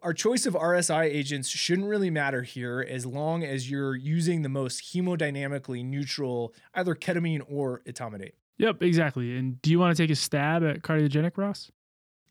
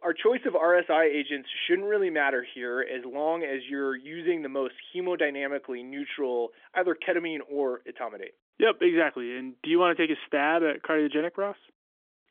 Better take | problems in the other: first | phone-call audio; nothing above 3.5 kHz

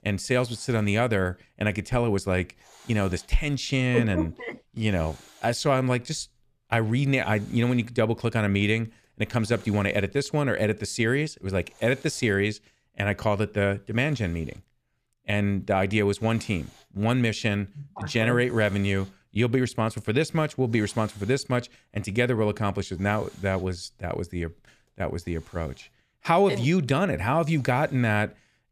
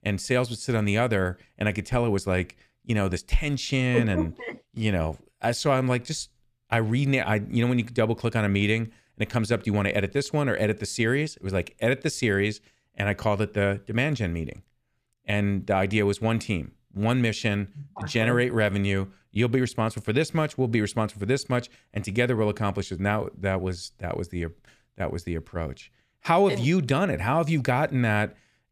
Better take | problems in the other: second | hiss; faint; throughout; 30 dB below the speech

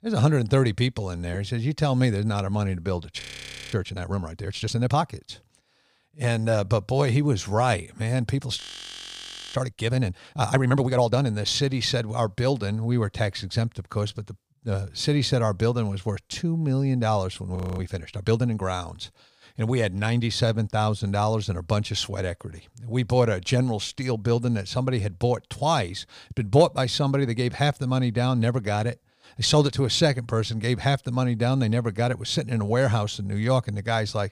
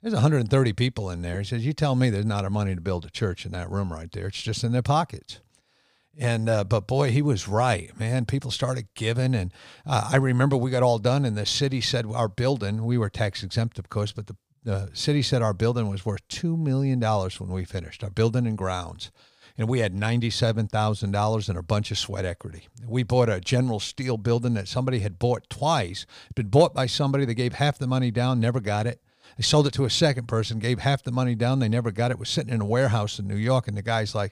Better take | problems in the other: second | audio freezing; at 3 s for 0.5 s, at 8.5 s for 1 s and at 18 s

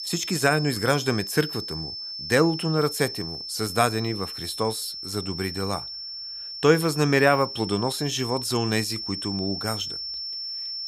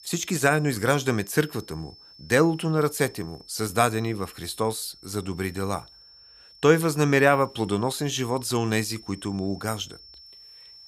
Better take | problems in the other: second | high-pitched whine; loud; throughout; 5.5 kHz, 7 dB below the speech; faint in the second

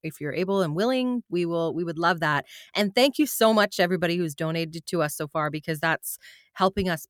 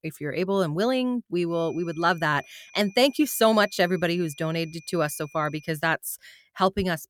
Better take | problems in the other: first | high-pitched whine; faint; from 1.5 to 5.5 s; 2.5 kHz, 25 dB below the speech

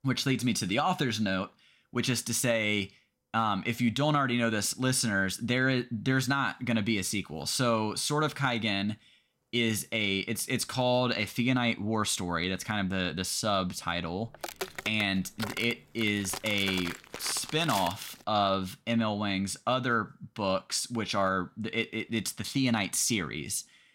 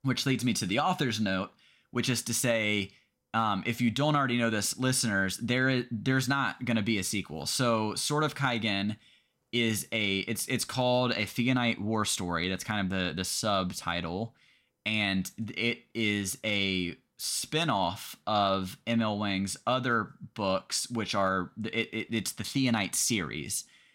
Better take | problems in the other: second | footsteps; noticeable; from 14 to 18 s; peak 7 dB below the speech

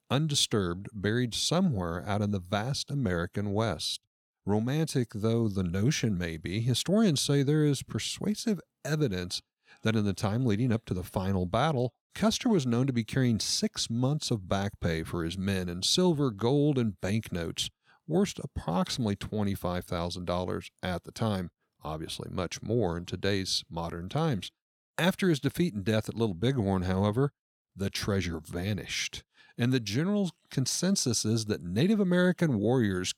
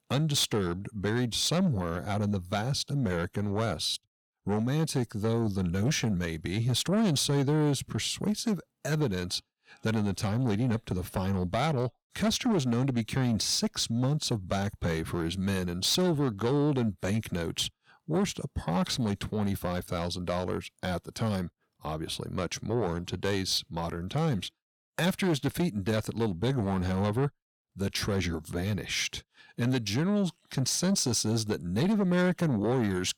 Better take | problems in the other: first | distortion; slight; 10 dB below the speech

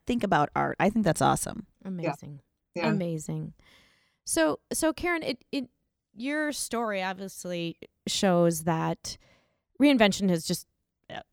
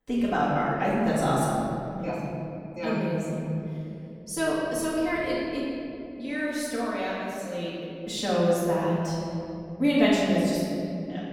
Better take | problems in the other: first | off-mic speech; far // room echo; strong; dies away in 3 s

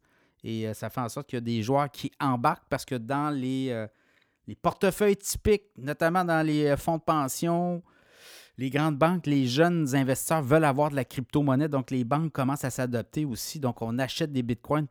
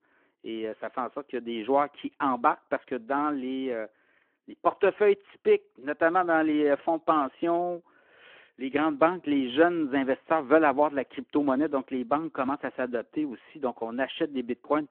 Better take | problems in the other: first | phone-call audio

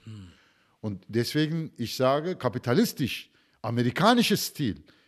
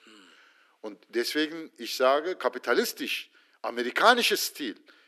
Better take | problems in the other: first | thin; somewhat; fading below 300 Hz

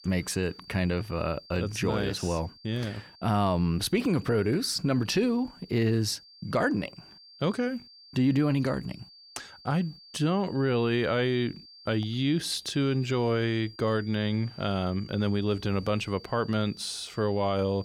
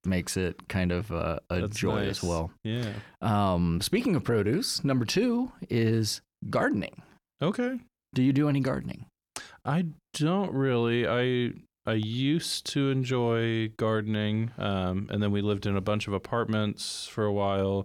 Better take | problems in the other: second | high-pitched whine; faint; throughout; 4.5 kHz, 20 dB below the speech

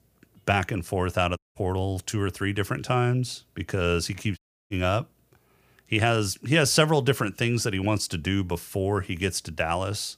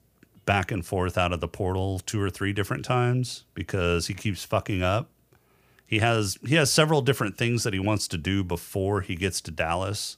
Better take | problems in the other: second | audio cutting out; at 1.5 s and at 4.5 s

